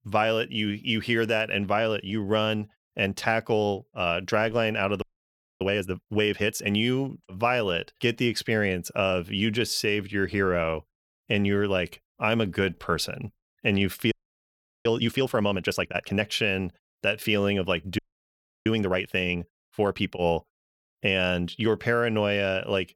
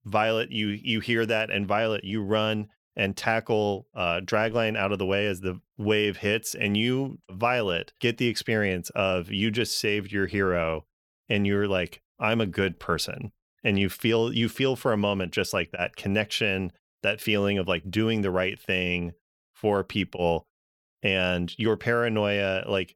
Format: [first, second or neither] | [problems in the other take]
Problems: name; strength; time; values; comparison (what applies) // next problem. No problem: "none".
second | audio freezing; at 5 s for 0.5 s, at 14 s for 0.5 s and at 18 s for 0.5 s